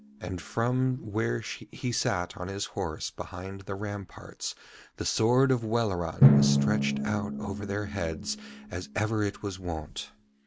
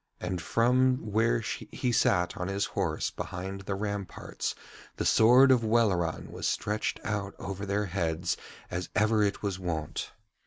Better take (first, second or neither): second